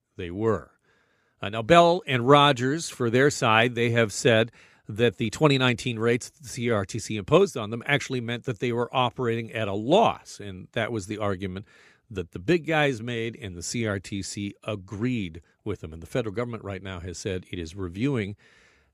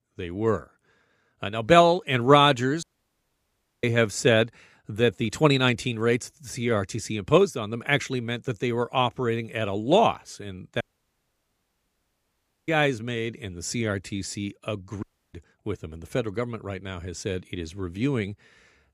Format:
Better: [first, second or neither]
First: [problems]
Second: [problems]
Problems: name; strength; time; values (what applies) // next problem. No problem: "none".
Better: first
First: none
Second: audio cutting out; at 3 s for 1 s, at 11 s for 2 s and at 15 s